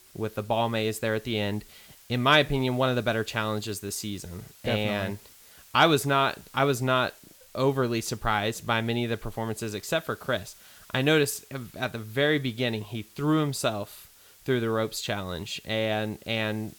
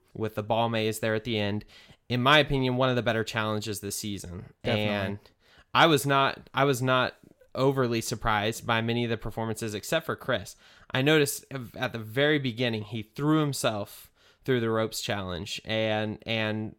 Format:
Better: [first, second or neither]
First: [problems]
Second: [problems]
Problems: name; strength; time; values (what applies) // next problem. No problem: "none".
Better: second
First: hiss; faint; throughout; 25 dB below the speech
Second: none